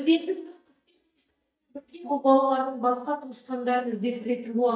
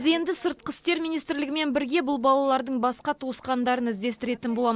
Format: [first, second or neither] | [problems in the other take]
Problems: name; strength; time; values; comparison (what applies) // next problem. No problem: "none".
second | noise reduction (neural mask model DeepFilterNet 3)